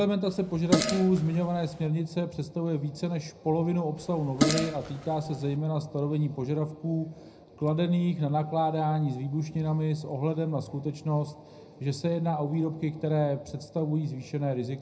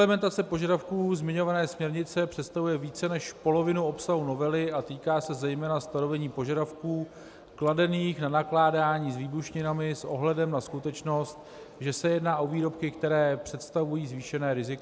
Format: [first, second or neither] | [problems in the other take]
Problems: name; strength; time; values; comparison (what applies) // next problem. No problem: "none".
second | background sound (Fart); 4 dB below the speech // room echo; dies away in 0.3 s